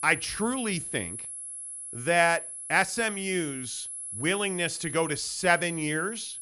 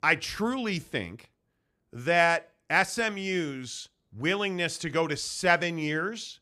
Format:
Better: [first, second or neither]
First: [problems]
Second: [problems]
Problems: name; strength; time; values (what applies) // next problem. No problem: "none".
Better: second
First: high-pitched whine; loud; throughout; 11 kHz, 8 dB below the speech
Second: none